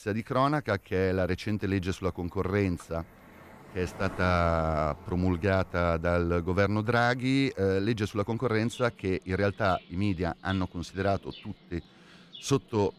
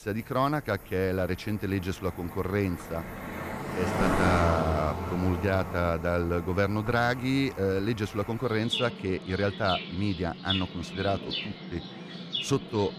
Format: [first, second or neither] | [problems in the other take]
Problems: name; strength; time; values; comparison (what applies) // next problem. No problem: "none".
first | animal sounds; loud; throughout; 5 dB below the speech; faint in the first